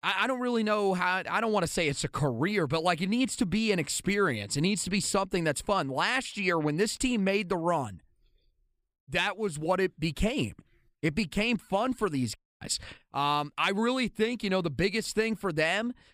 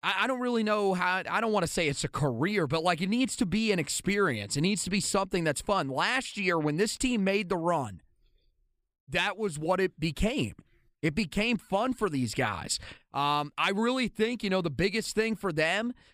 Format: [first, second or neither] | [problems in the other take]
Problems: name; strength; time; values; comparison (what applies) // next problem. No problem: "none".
second | audio cutting out; at 12 s